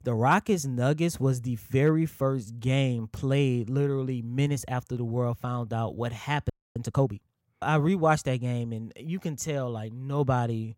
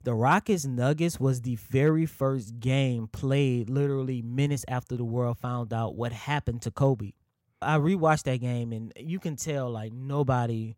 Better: second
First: audio freezing; at 6.5 s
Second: none

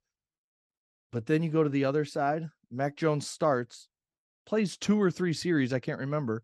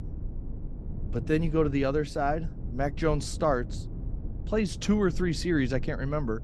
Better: first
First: none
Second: low rumble; noticeable; throughout; 20 dB below the speech

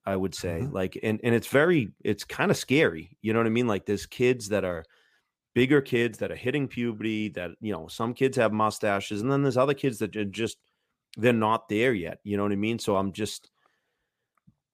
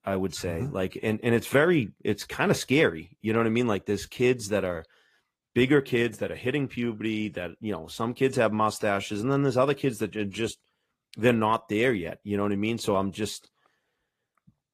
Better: first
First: none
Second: garbled, watery; slightly; nothing above 15 kHz

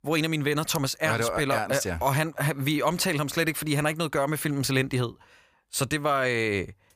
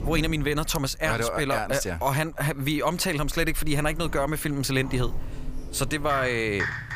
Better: first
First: none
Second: household noises; noticeable; throughout; 10 dB below the speech

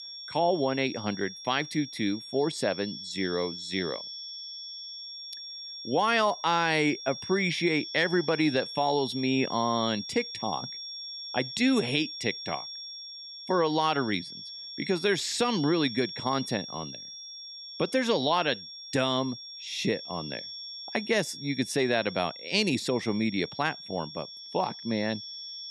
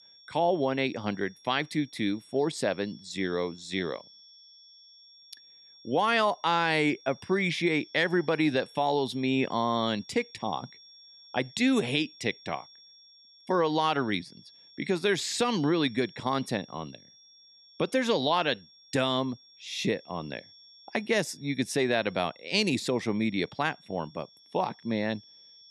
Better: second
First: high-pitched whine; loud; throughout; 5.5 kHz, 10 dB below the speech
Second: high-pitched whine; faint; throughout; 5.5 kHz, 25 dB below the speech

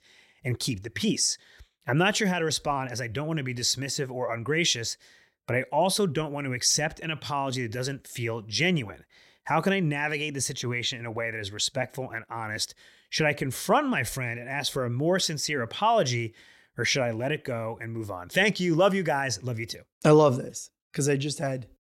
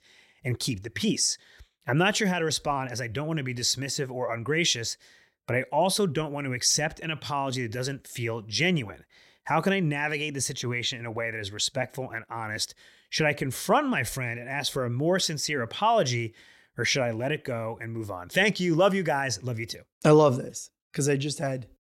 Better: neither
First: none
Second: none

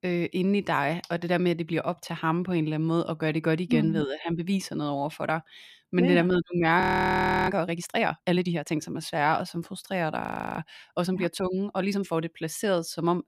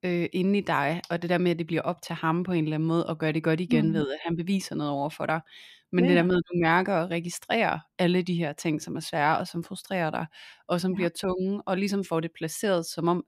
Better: second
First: audio freezing; at 7 s for 0.5 s and at 10 s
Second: none

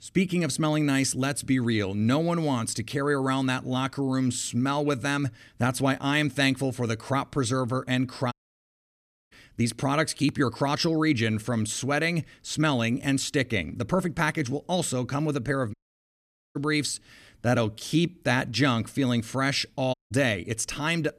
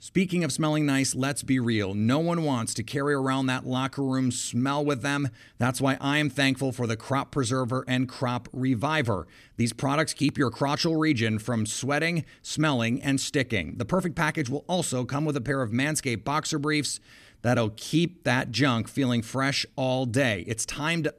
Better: second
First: audio cutting out; at 8.5 s for 1 s, at 16 s for 1 s and at 20 s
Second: none

